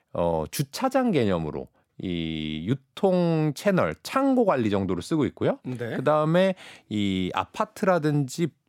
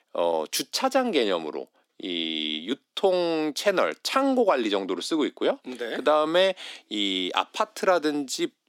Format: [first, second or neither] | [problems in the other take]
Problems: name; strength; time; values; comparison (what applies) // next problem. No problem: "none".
first | thin; very slightly; fading below 250 Hz